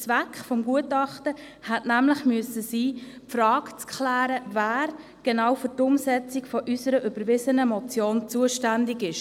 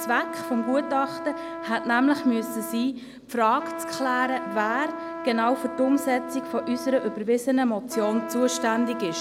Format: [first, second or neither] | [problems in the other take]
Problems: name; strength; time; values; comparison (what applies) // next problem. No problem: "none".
first | background sound (Trumpet); 9 dB below the speech